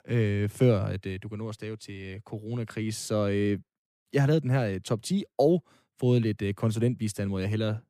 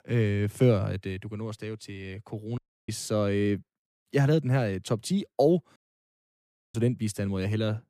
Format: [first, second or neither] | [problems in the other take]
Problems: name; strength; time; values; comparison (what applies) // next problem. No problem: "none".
first | audio cutting out; at 2.5 s and at 6 s for 1 s